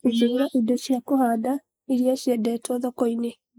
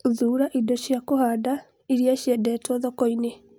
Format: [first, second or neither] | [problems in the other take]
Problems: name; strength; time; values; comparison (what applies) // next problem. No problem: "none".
second | noise reduction (neural mask model Resemble Enhance denoiser)